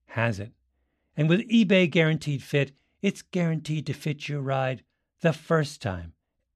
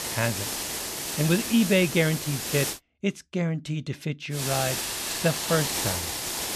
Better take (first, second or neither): first